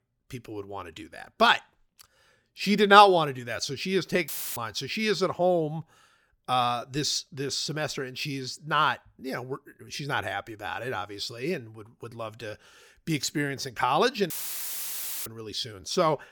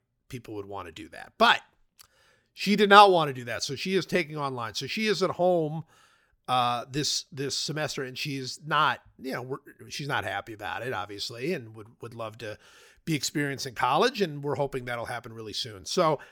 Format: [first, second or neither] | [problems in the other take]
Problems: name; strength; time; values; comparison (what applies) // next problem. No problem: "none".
second | audio cutting out; filled with static; at 4.5 s and at 14 s for 1 s